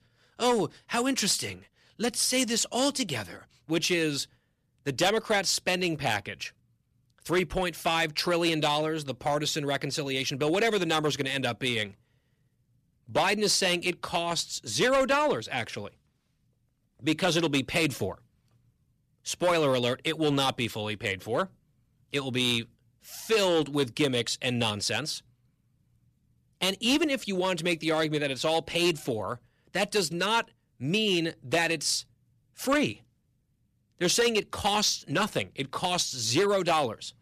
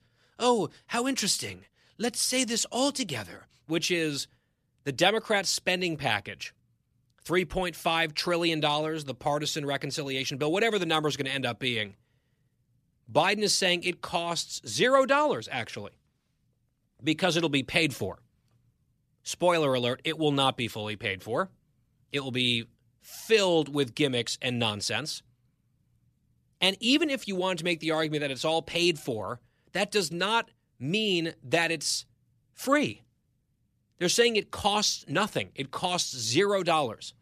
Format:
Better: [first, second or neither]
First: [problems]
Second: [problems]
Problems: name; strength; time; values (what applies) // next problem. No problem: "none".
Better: second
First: distortion; slight; 4% of the sound clipped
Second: none